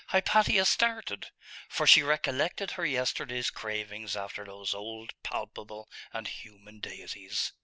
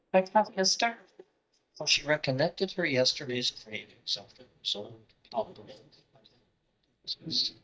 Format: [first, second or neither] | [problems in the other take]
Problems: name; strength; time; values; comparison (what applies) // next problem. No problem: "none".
first | noise reduction (neural mask model DeepFilterNet 3)